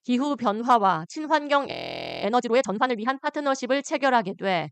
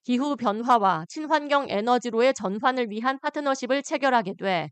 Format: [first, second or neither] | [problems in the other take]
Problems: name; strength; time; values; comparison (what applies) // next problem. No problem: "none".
second | audio freezing; at 1.5 s for 0.5 s